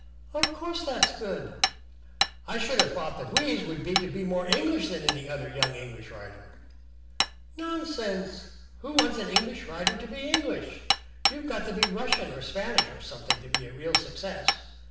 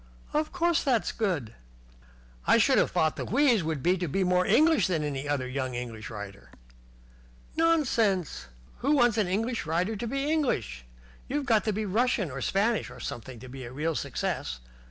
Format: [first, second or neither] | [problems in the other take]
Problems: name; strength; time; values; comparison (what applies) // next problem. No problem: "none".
second | background sound (Hammer); 1 dB above the speech // room echo; dies away in 0.9 s